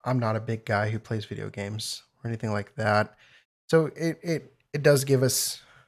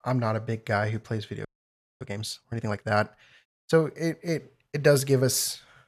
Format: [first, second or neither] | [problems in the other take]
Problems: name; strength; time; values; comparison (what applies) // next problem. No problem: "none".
first | audio freezing; at 1.5 s for 0.5 s